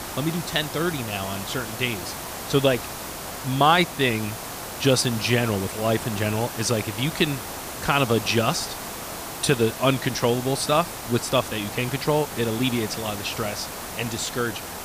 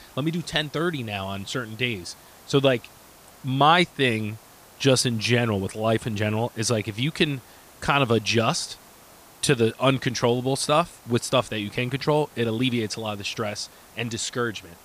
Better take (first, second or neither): second